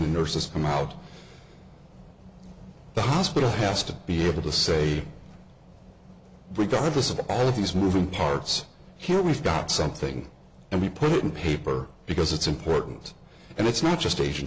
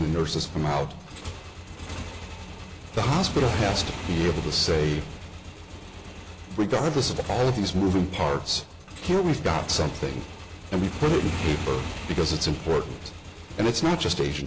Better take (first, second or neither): first